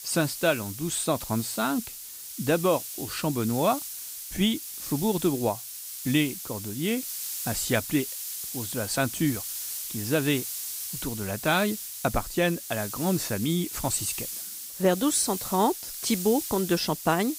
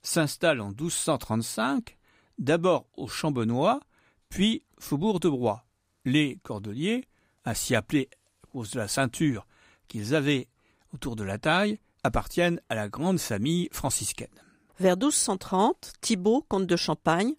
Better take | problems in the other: second | hiss; loud; throughout; 6 dB below the speech

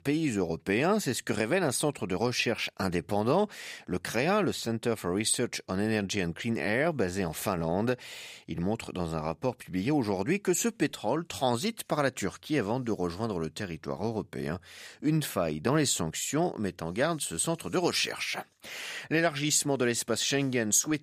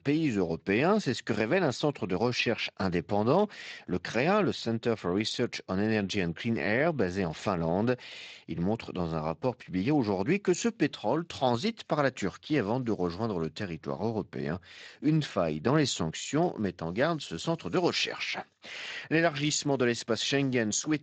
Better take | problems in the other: first | garbled, watery; slightly; nothing above 7.5 kHz

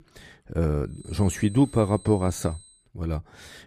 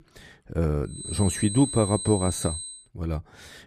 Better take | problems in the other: first | high-pitched whine; loud; from 1 to 2.5 s; 8.5 kHz, 6 dB below the speech; faint in the first

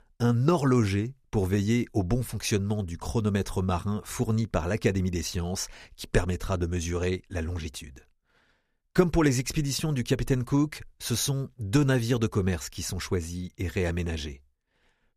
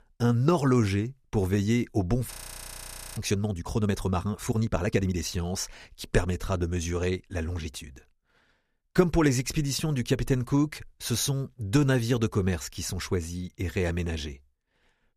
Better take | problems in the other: first | audio freezing; at 2.5 s for 1 s

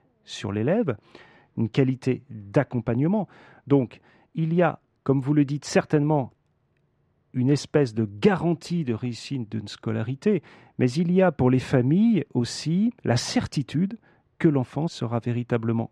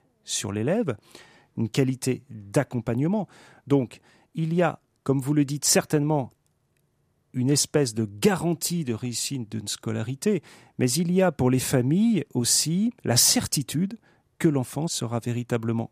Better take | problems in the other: second | muffled; slightly; fading above 3 kHz

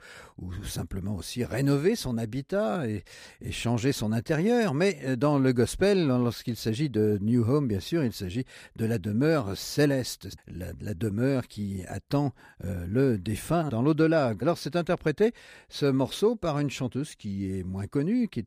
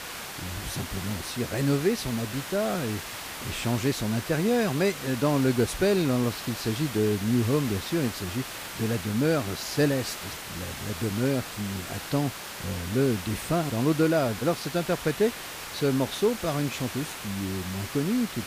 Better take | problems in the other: first | hiss; loud; throughout; 8 dB below the speech

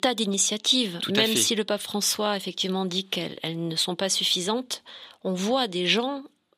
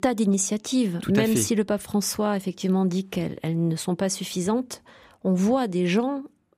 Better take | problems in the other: second | thin; very slightly; fading below 950 Hz

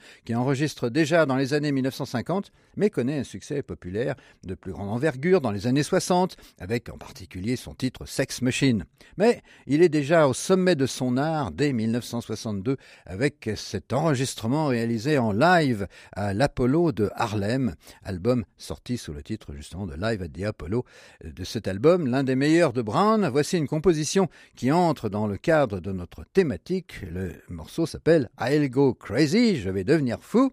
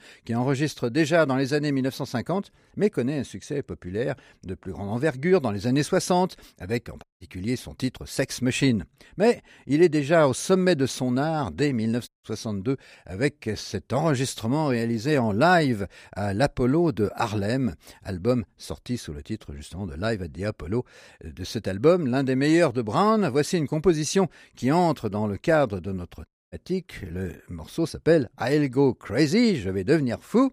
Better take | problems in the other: first | audio cutting out; at 7 s, at 12 s and at 26 s

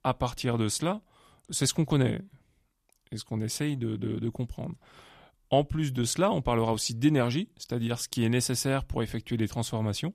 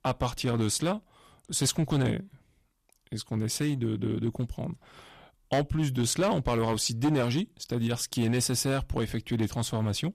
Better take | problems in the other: first | distortion; slight; 5% of the sound clipped

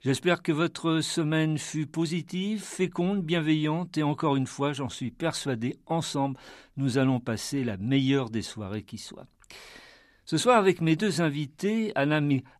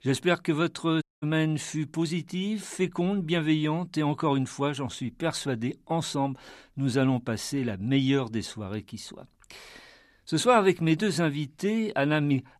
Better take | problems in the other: first | audio cutting out; at 1 s

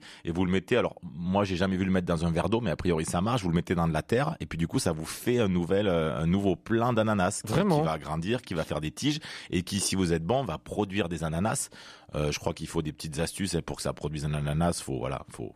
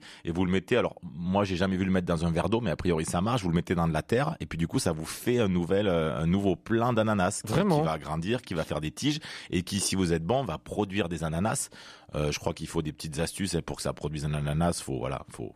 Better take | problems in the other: neither | none

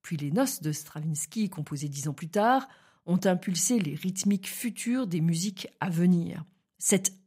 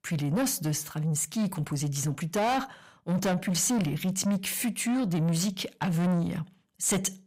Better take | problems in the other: first | distortion; heavy; 7 dB below the speech

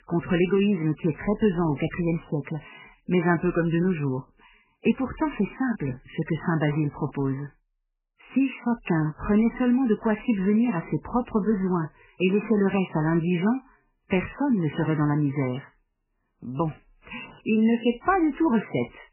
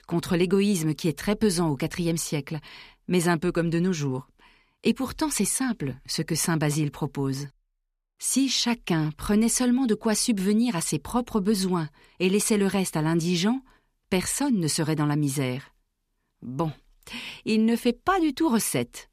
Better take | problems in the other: second | garbled, watery; badly; nothing above 3 kHz

